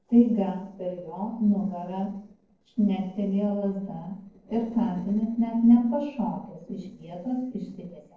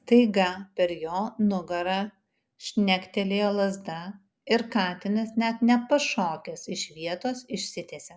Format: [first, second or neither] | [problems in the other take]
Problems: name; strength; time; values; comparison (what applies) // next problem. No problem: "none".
second | noise reduction (neural separator model SepFormer DNS4)